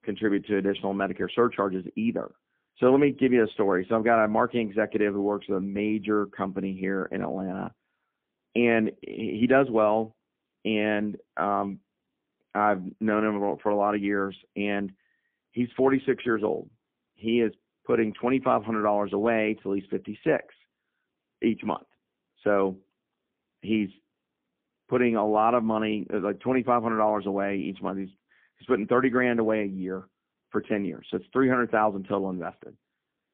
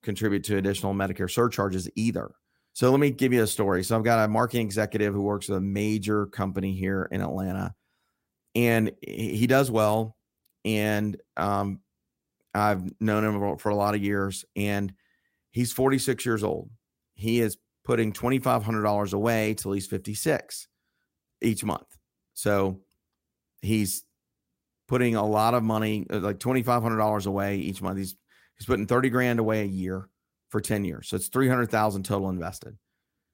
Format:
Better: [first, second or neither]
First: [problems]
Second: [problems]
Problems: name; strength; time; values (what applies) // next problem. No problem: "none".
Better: second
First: phone-call audio; poor line; nothing above 3.5 kHz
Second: none